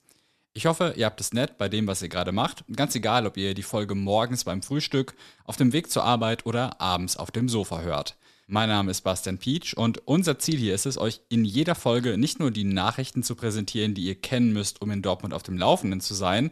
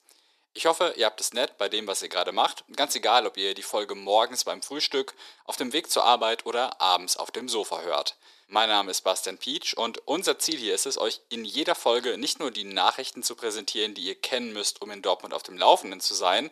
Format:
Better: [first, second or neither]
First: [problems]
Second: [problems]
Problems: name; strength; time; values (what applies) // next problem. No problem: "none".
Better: first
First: none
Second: thin; very; fading below 400 Hz